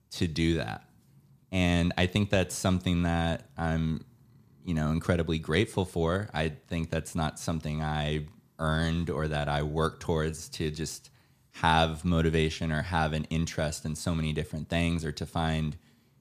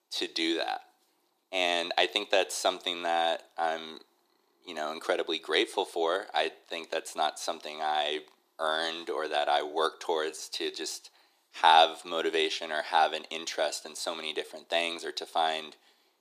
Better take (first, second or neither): first